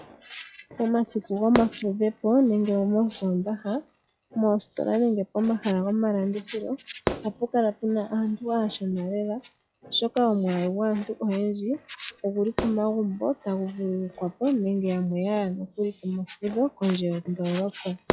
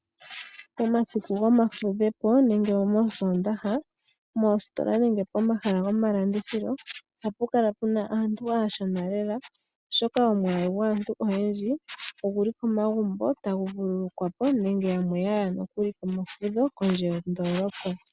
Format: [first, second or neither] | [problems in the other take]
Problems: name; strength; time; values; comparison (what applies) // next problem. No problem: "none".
second | noise reduction (classical method log-MMSE)